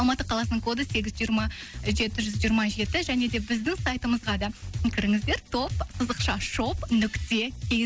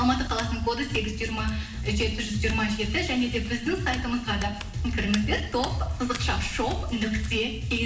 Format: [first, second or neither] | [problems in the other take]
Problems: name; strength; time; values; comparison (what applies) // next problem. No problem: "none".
first | background sound (Hands); 16 dB below the speech // room echo; dies away in 0.9 s